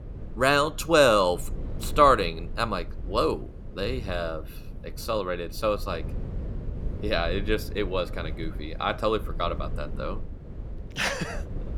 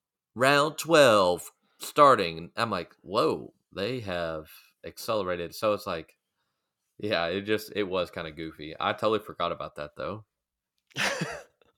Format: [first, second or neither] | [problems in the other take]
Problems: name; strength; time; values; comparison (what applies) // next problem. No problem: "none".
second | low rumble; faint; throughout; 25 dB below the speech